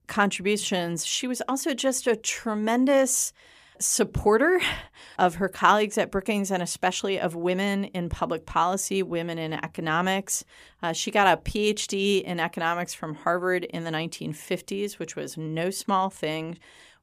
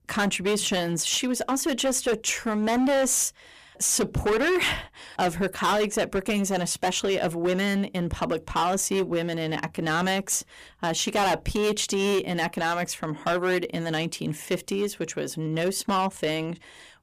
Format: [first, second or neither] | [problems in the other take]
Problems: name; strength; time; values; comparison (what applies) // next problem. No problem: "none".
first | distortion; heavy; 13% of the sound clipped